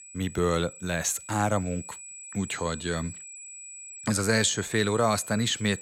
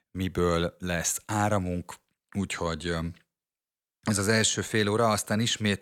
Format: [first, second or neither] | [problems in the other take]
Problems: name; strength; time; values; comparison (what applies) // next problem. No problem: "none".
second | high-pitched whine; noticeable; throughout; 8 kHz, 15 dB below the speech